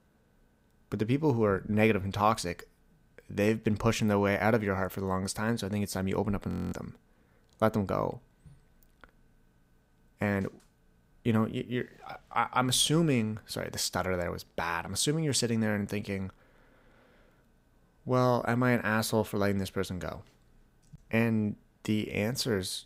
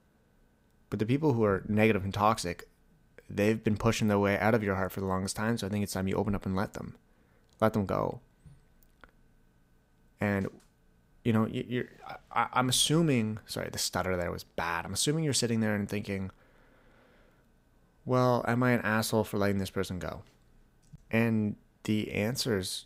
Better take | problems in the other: second | audio freezing; at 6.5 s

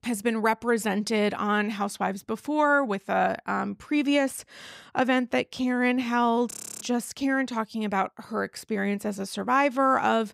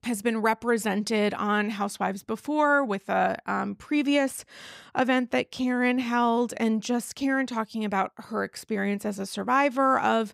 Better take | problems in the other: second | audio freezing; at 6.5 s

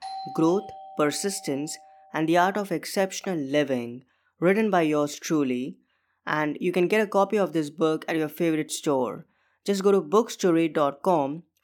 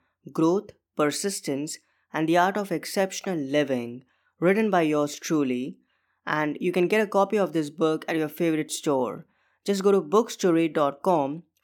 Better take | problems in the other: second | doorbell; faint; until 2 s; peak 10 dB below the speech

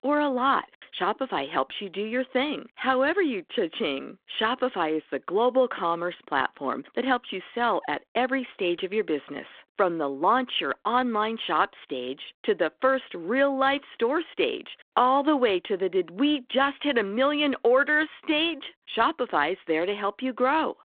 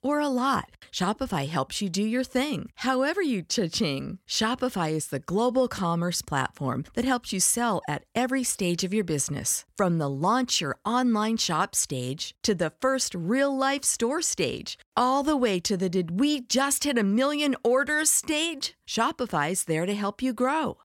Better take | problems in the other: second | phone-call audio

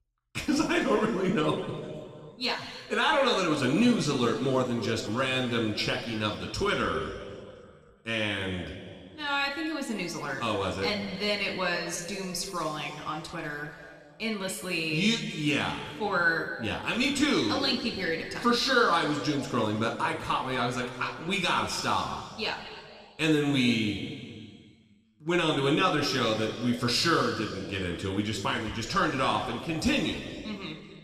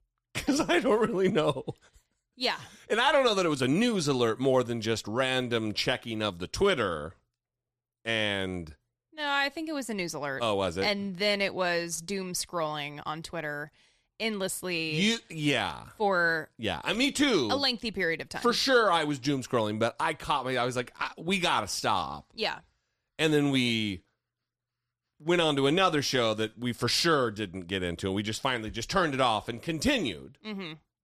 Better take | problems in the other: second | room echo; noticeable; dies away in 2.1 s // off-mic speech; somewhat distant

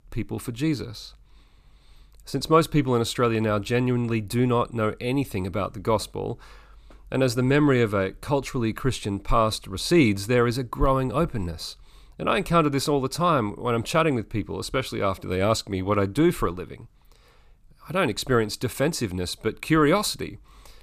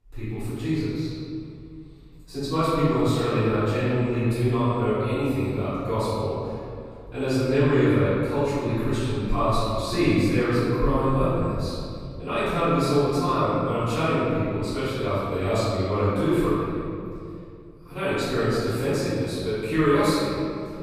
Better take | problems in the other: first | off-mic speech; far // room echo; strong; dies away in 2.3 s

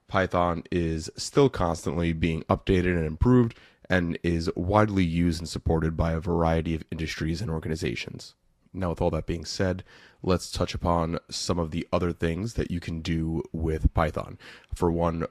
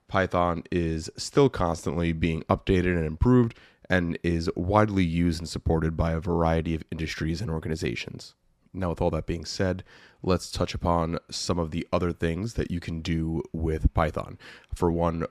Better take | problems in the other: second | garbled, watery; slightly; nothing above 14.5 kHz

